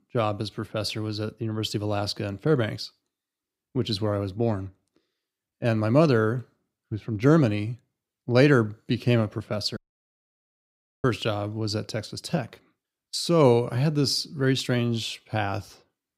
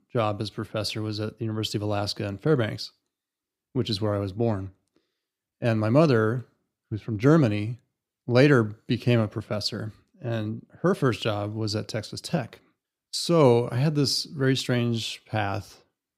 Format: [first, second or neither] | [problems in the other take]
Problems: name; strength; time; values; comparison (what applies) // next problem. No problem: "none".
second | audio cutting out; at 10 s for 1.5 s